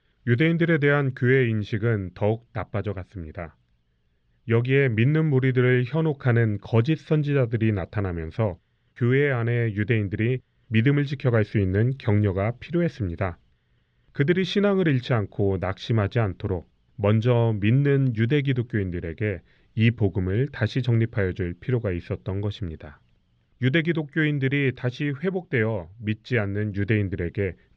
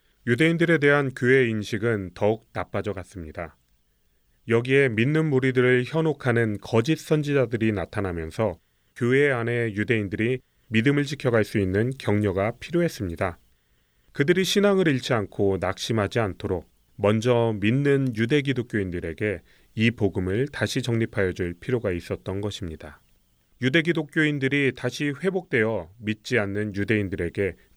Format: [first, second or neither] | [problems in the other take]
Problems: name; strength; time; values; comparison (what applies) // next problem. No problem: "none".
second | muffled; slightly; fading above 4 kHz